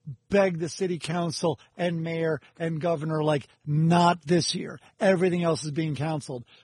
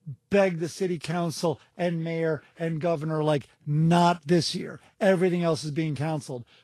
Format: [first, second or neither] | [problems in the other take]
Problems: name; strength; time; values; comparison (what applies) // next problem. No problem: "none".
second | garbled, watery; badly; slightly in the second